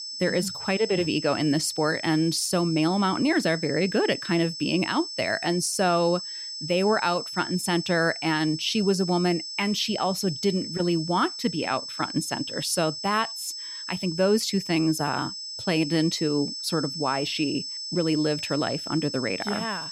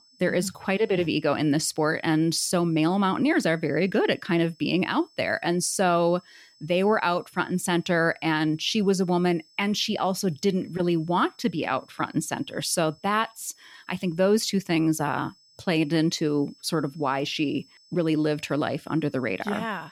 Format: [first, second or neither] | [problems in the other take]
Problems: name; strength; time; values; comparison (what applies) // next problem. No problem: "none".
second | high-pitched whine; loud; throughout; 5.5 kHz, 7 dB below the speech; faint in the second